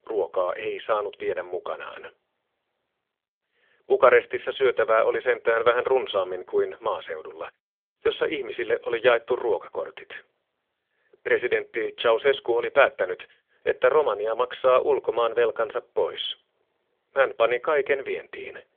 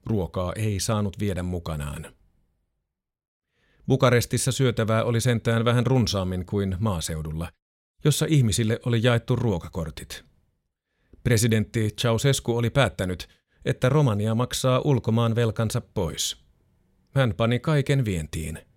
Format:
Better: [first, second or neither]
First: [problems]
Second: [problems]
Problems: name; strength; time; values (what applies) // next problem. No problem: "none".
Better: second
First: phone-call audio; nothing above 3.5 kHz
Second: none